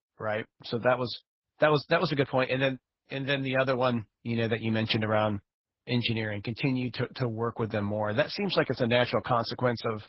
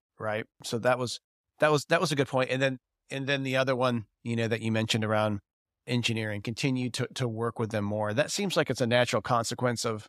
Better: second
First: garbled, watery; badly; nothing above 5.5 kHz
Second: none

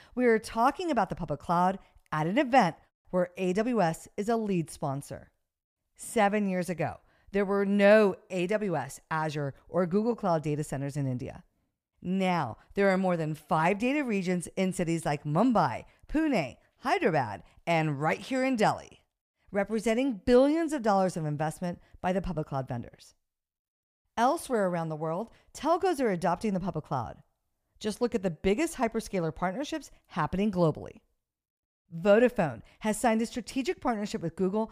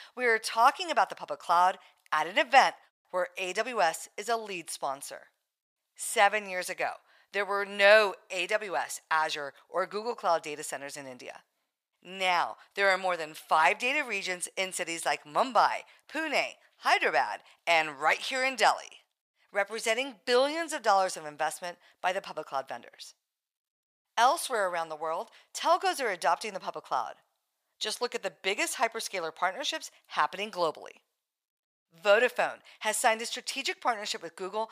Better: first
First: none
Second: thin; very; fading below 850 Hz

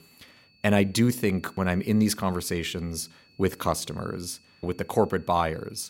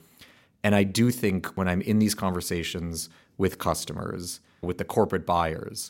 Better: second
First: high-pitched whine; faint; throughout; 4.5 kHz, 30 dB below the speech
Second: none

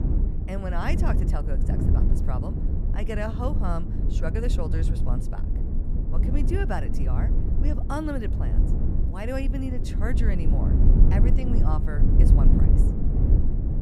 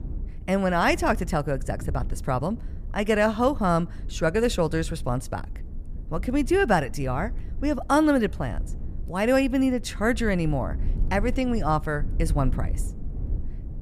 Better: second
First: low rumble; loud; throughout; 3 dB below the speech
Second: low rumble; faint; throughout; 25 dB below the speech

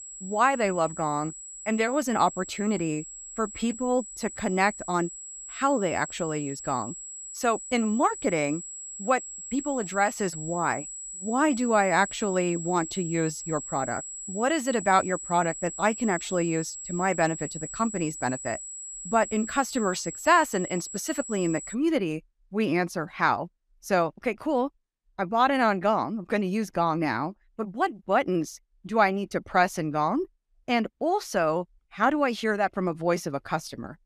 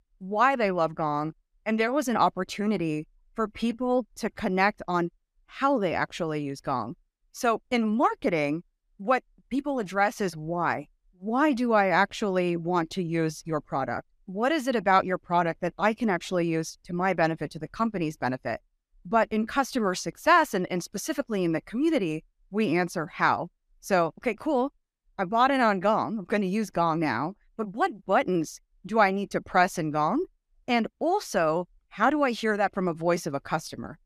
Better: second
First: high-pitched whine; loud; until 22 s; 7.5 kHz, 10 dB below the speech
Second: none

